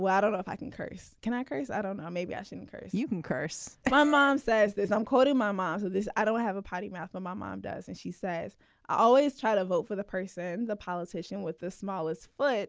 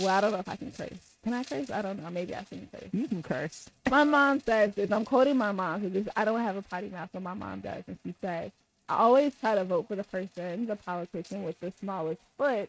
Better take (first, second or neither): first